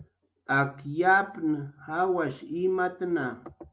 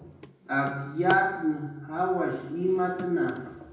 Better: first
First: none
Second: background sound (Drawer open or close); 14 dB below the speech // room echo; dies away in 0.9 s

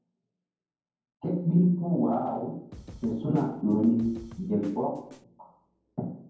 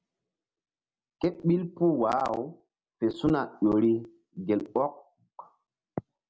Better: second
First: background sound (Snare drum / Drum kit); 19 dB below the speech // room echo; dies away in 0.9 s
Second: none

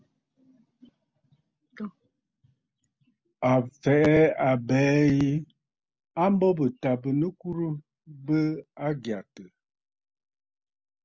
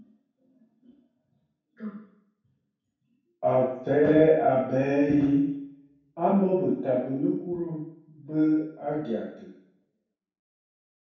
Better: first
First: none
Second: room echo; dies away in 0.7 s

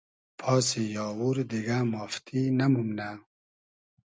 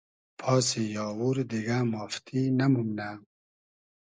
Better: first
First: none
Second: noise reduction (neural mask model Resemble Enhance denoiser)

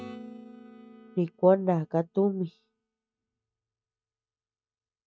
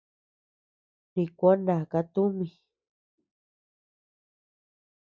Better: second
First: noise reduction (neural mask model RNNoise)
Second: none

